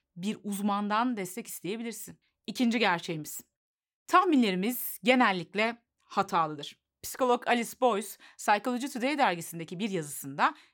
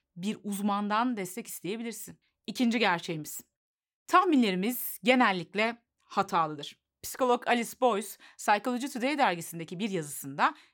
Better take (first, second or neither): neither